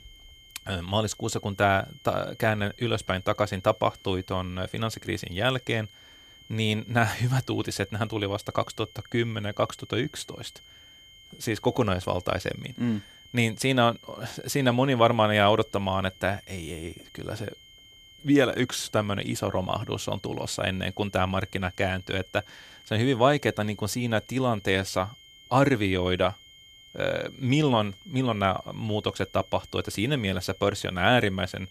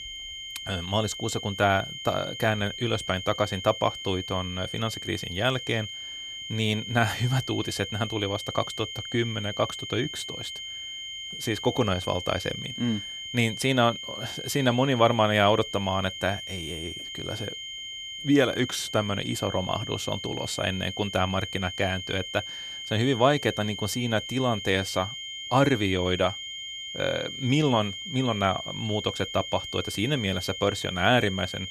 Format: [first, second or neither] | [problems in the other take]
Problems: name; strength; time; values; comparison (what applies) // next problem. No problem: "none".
first | high-pitched whine; loud; throughout; 3 kHz, 7 dB below the speech; faint in the first